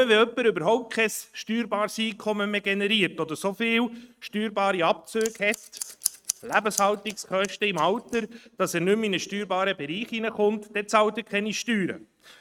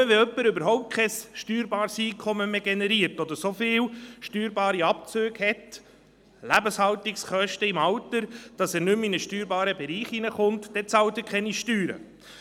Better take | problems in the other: second | noise reduction (neural mask model RNNoise)

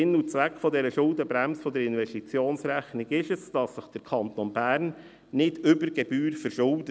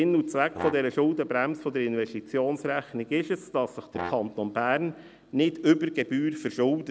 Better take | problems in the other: first | background sound (Brass instrument); 13 dB below the speech

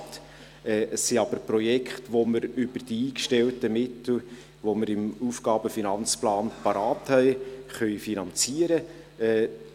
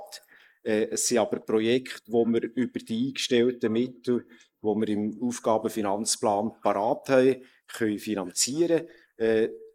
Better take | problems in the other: first | noise reduction (neural mask model Resemble Enhance denoiser)

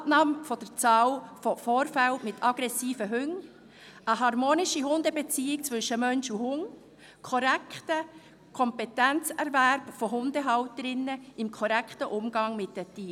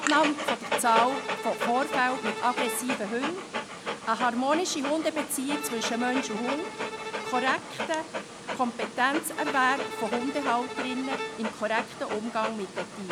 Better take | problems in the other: first | background sound (Bowed string instrument + Dog); 4 dB below the speech

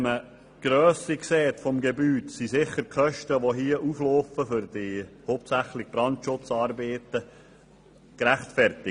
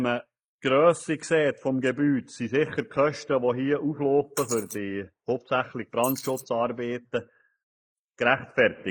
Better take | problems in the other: first | noise reduction (neural mask model Resemble Enhance denoiser)

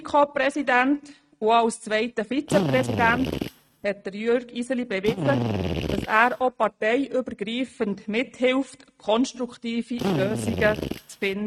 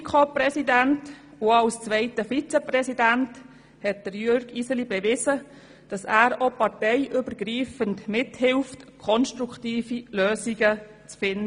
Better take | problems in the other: second | noise reduction (neural mask model RNNoise)

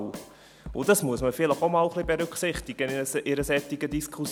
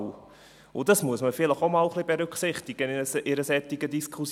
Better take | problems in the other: second | background sound (Drum kit); 16 dB below the speech

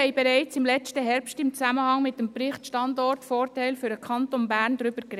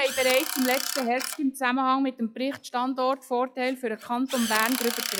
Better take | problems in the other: first | noise reduction (classical method log-MMSE)

